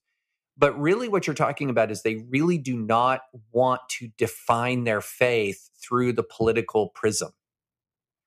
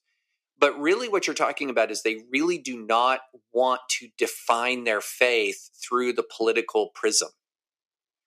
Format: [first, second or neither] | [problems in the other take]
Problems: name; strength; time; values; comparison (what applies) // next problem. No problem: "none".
first | thin; very slightly; fading below 300 Hz